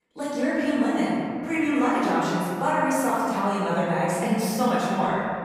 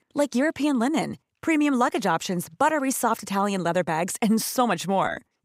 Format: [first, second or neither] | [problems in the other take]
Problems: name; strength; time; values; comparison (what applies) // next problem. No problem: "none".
second | off-mic speech; far // room echo; strong; dies away in 2.3 s